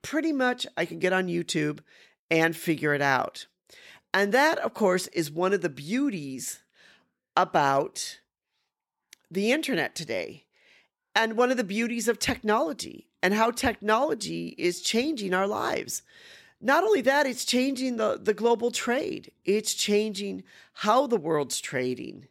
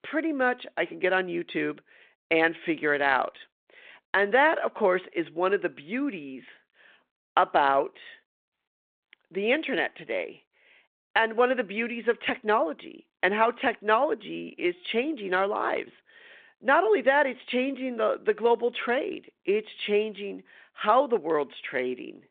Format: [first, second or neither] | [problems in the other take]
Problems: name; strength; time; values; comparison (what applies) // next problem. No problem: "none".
first | phone-call audio